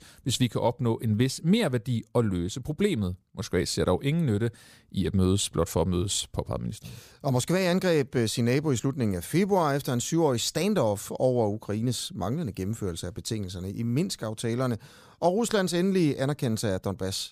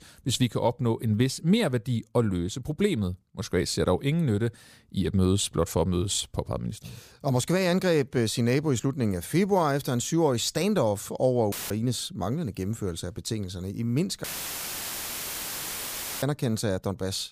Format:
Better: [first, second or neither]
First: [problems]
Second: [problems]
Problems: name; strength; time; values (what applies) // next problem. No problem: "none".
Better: first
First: none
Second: audio cutting out; filled with static; at 12 s and at 14 s for 2 s